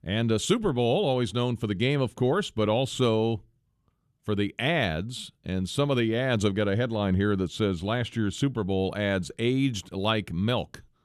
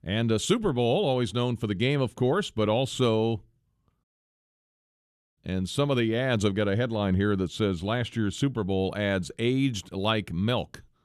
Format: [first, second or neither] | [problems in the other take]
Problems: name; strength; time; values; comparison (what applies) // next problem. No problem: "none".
first | audio cutting out; at 4 s for 1.5 s